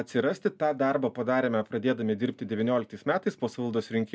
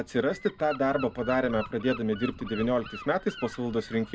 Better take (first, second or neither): first